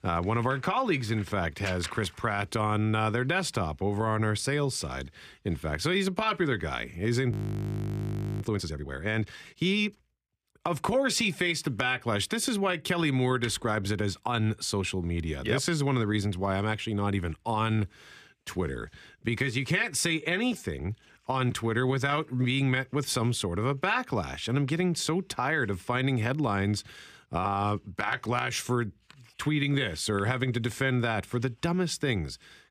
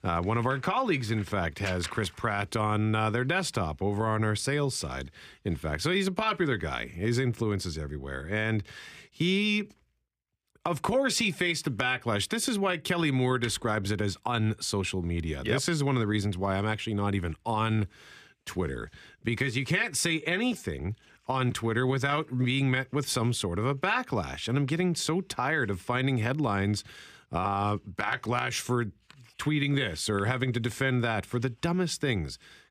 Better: second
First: audio freezing; at 7.5 s for 1 s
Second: none

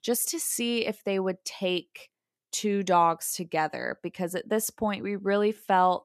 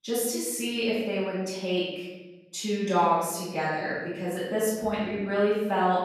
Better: first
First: none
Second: off-mic speech; far // room echo; strong; dies away in 1.1 s

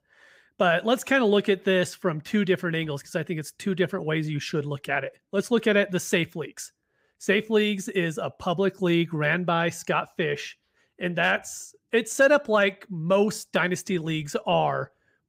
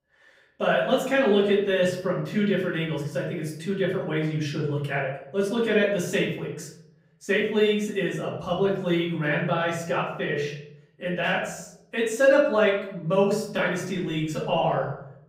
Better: first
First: none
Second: room echo; noticeable; dies away in 0.7 s // off-mic speech; far

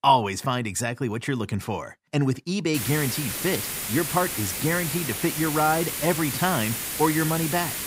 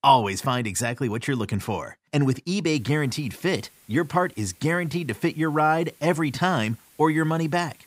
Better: second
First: hiss; loud; from 2.5 s on; 2 dB below the speech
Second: hiss; faint; from 2.5 s on; 30 dB below the speech

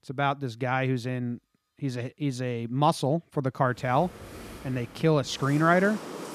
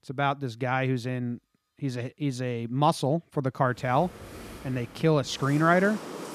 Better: neither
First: rain or running water; noticeable; from 4 s on; 15 dB below the speech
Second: rain or running water; noticeable; from 4 s on; 15 dB below the speech

